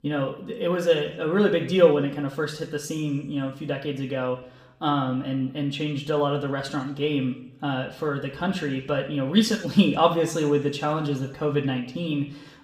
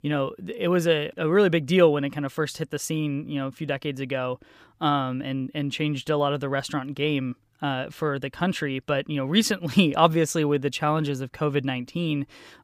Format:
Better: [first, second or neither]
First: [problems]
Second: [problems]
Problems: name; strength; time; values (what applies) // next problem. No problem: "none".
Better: second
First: room echo; slight; dies away in 0.7 s // off-mic speech; somewhat distant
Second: none